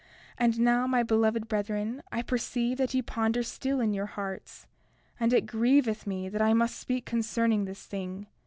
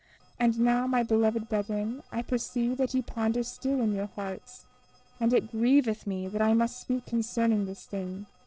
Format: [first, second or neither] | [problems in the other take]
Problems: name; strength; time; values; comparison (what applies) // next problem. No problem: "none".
first | noise reduction (neural separator model SepFormer DNS4)